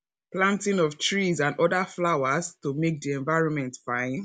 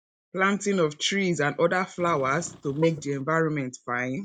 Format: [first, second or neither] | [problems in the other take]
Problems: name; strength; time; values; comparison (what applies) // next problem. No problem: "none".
first | noise reduction (neural mask model DeepFilterNet 3)